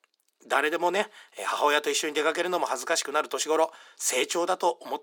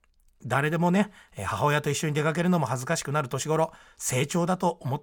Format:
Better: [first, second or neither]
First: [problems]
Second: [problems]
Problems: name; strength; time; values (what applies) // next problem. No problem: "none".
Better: second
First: thin; very; fading below 300 Hz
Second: none